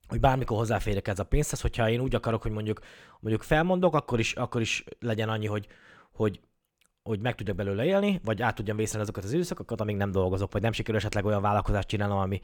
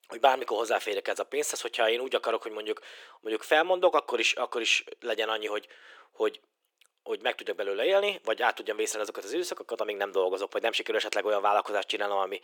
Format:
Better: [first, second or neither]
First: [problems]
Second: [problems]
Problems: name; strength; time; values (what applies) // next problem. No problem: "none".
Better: first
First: none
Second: thin; very; fading below 350 Hz